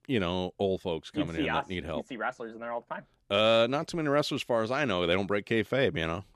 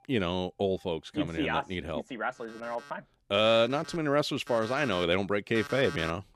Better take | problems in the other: first | alarms or sirens; noticeable; throughout; 15 dB below the speech

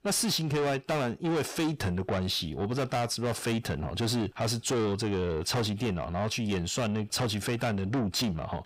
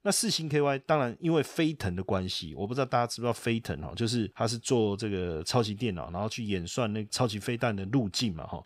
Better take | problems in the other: second | distortion; heavy; 6 dB below the speech

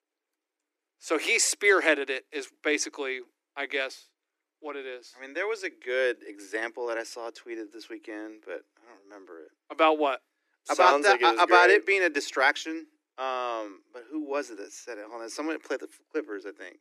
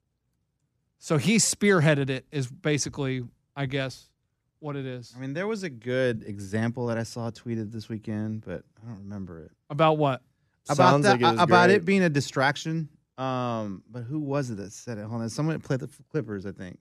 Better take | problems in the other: second | thin; very; fading below 300 Hz

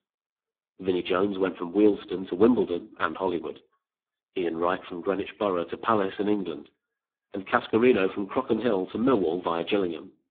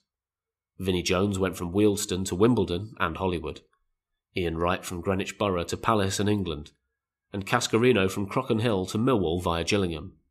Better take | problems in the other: second | phone-call audio; poor line

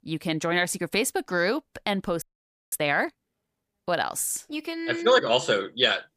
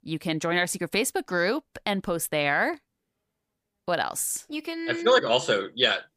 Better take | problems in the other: second | audio freezing; at 2 s for 0.5 s

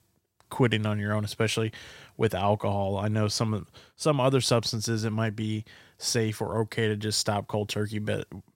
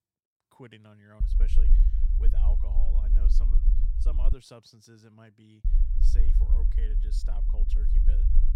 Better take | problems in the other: first | low rumble; loud; from 1 to 4.5 s and from 5.5 s on; as loud as the speech

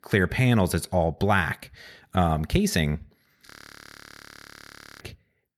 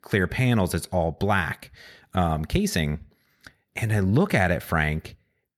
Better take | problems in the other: second | audio freezing; at 3.5 s for 1.5 s

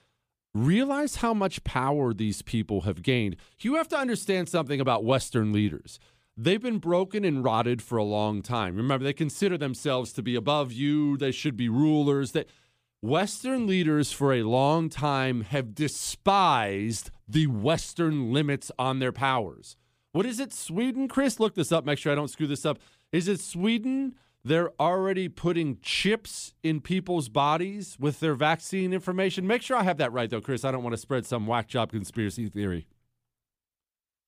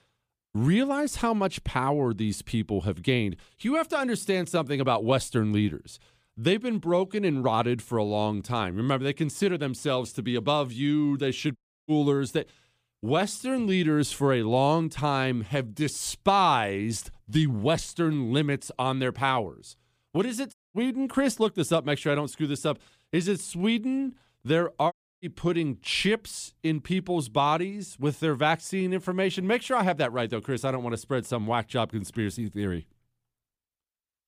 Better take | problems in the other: first | audio cutting out; at 12 s, at 21 s and at 25 s

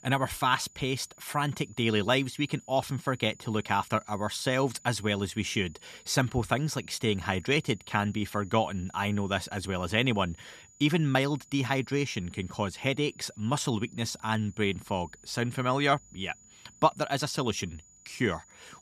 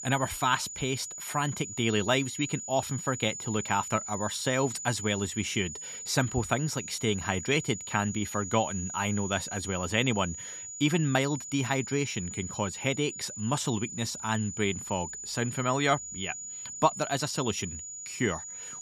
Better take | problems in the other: first | high-pitched whine; loud; throughout; 7 kHz, 7 dB below the speech; faint in the first

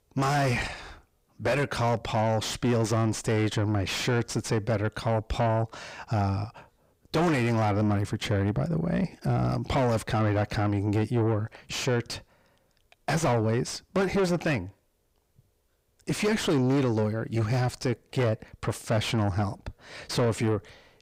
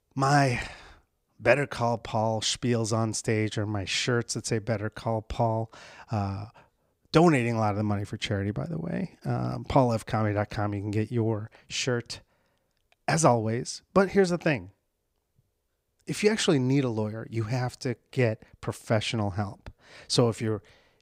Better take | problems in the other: second | distortion; heavy; 5 dB below the speech

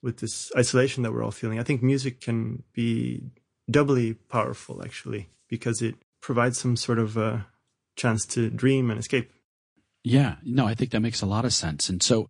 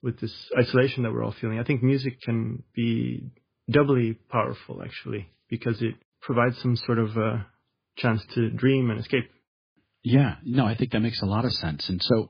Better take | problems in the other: first | garbled, watery; badly; nothing above 5 kHz; slightly in the first

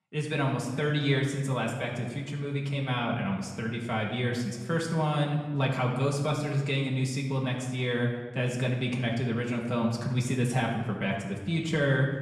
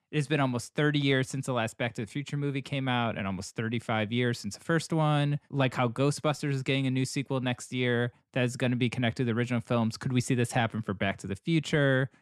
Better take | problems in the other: second | room echo; noticeable; dies away in 1.1 s // off-mic speech; far

